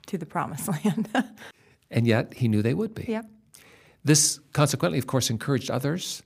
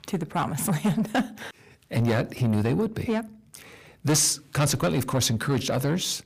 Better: first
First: none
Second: distortion; heavy; 7 dB below the speech

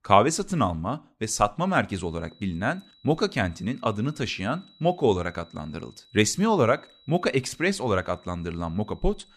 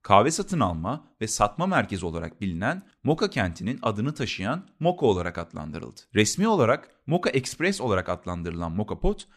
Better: second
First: high-pitched whine; faint; from 2 s on; 4 kHz, 30 dB below the speech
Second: none

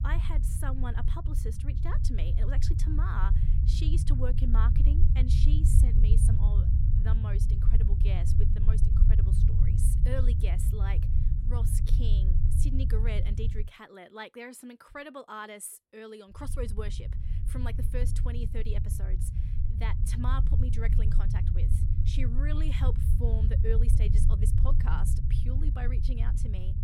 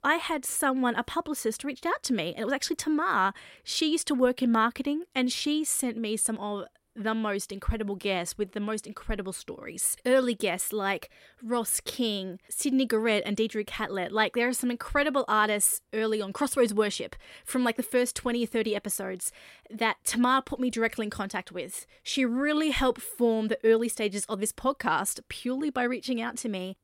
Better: second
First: low rumble; loud; until 14 s and from 16 s on; 3 dB below the speech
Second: none

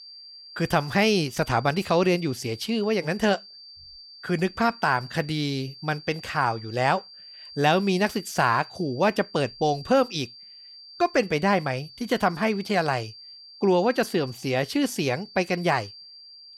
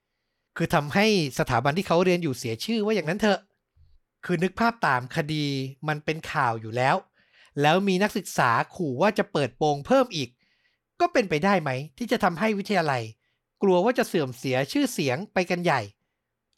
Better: second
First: high-pitched whine; noticeable; throughout; 4.5 kHz, 20 dB below the speech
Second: none

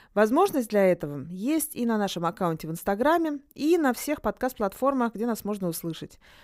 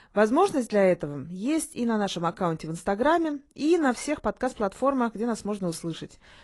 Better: first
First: none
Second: garbled, watery; slightly; nothing above 11.5 kHz

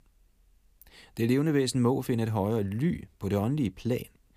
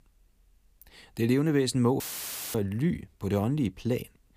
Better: first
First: none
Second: audio cutting out; filled with static; at 2 s for 0.5 s

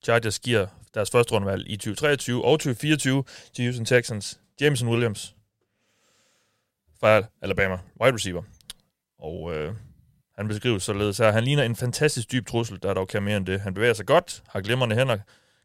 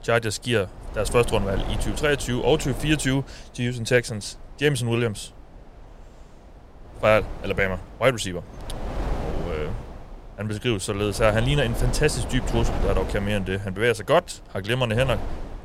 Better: first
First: none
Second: wind noise on the microphone; occasional gusts; 15 dB below the speech

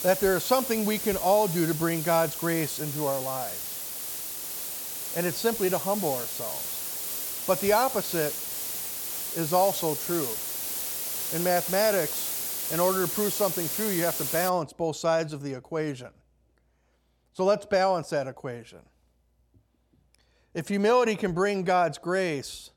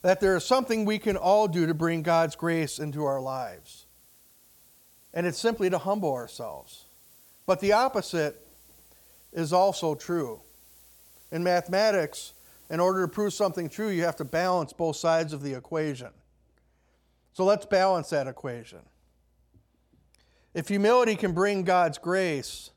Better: second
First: hiss; loud; until 14 s; 3 dB below the speech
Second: hiss; faint; until 14 s; 25 dB below the speech

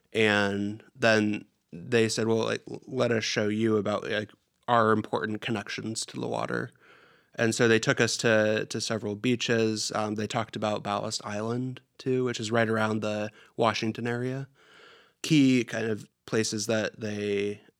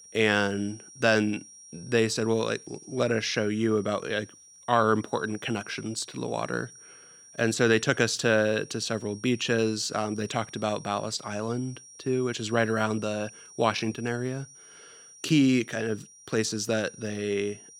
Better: first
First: none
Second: high-pitched whine; noticeable; throughout; 5.5 kHz, 20 dB below the speech

